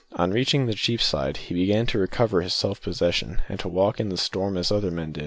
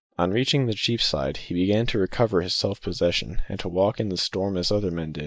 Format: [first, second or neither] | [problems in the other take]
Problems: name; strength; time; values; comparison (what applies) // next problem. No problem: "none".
first | noise reduction (neural mask model DeepFilterNet 3)